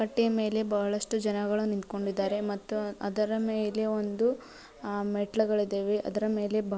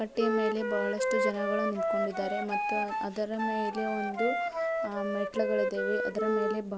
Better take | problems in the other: first | background sound (Wind instrument, woodwind instrument); 2 dB above the speech

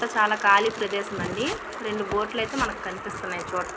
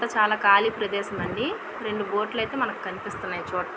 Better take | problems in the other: second | background sound (Tearing); 15 dB below the speech

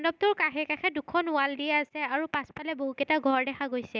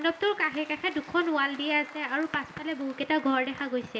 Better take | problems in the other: first | background sound (Applause); 19 dB below the speech // room echo; dies away in 0.7 s

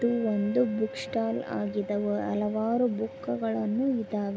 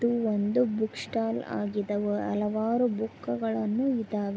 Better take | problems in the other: second | background sound (Wind instrument, woodwind instrument); 14 dB below the speech

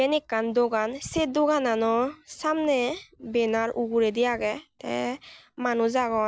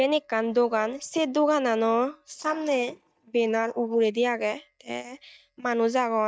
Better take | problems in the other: first | noise reduction (neural mask model DeepFilterNet 3)

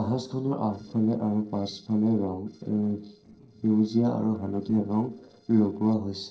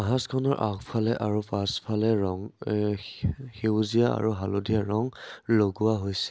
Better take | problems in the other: second | noise reduction (neural separator model SepFormer DNS4)

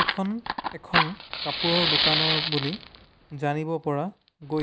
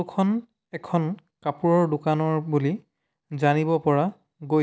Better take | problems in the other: second | background sound (Fire); 2 dB above the speech

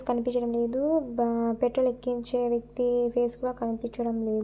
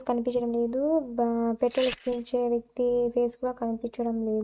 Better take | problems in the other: first | noise reduction (neural mask model RNNoise)

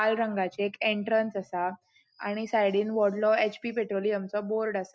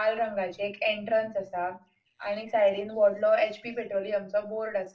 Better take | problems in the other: first | noise reduction (neural separator model SepFormer DNS4)

